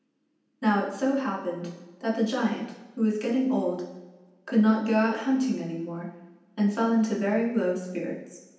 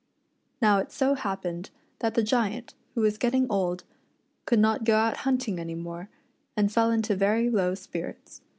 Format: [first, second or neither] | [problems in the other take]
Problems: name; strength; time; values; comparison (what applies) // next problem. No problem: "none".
second | room echo; dies away in 0.9 s